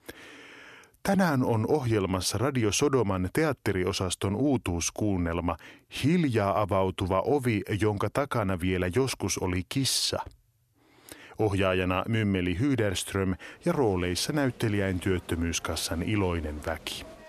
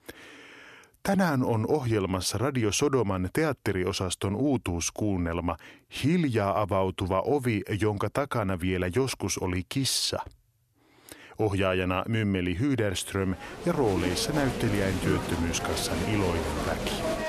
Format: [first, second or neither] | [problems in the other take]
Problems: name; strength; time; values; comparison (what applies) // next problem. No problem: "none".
first | crowd noise; loud; from 14 s on; 5 dB below the speech; faint in the first